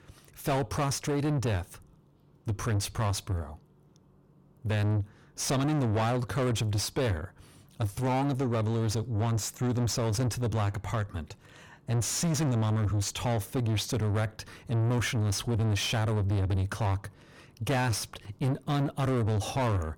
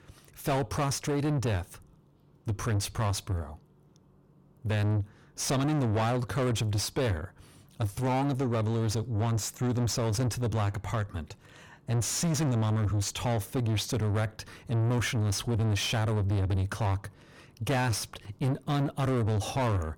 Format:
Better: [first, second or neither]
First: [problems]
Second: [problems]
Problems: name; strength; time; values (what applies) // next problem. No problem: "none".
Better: neither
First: distortion; heavy; 5 dB below the speech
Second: distortion; heavy; 5 dB below the speech